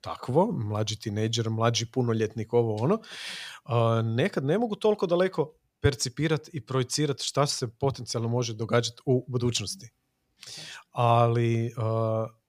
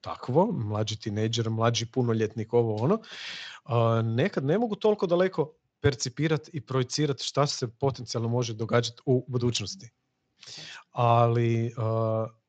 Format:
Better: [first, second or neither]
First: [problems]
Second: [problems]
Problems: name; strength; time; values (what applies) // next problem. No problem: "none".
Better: first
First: none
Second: garbled, watery; slightly